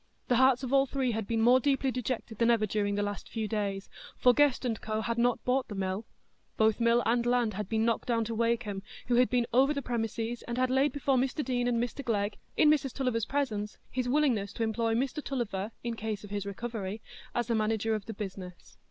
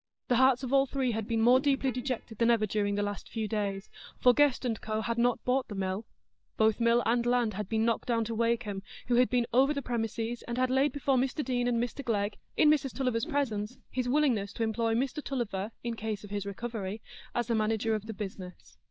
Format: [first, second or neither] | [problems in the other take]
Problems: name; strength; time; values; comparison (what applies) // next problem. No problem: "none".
first | noise reduction (neural mask model DeepFilterNet 3)